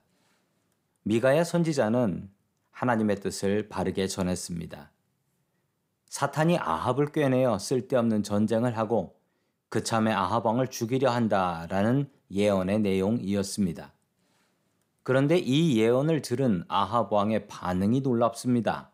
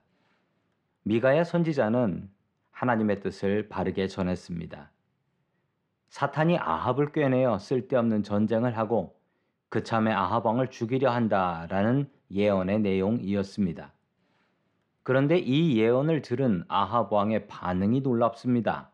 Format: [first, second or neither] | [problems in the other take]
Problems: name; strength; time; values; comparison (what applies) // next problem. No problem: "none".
first | muffled; slightly; fading above 2.5 kHz